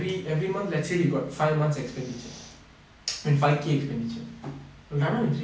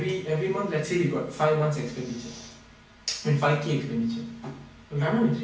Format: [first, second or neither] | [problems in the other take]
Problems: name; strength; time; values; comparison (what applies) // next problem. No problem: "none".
first | room echo; dies away in 0.7 s